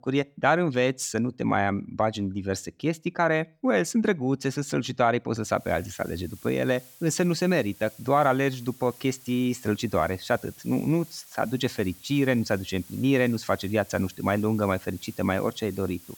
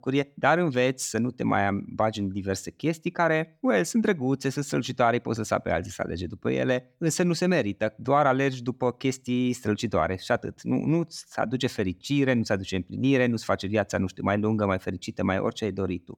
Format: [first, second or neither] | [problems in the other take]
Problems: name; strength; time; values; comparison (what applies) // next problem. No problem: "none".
second | hiss; faint; from 5.5 s on; 20 dB below the speech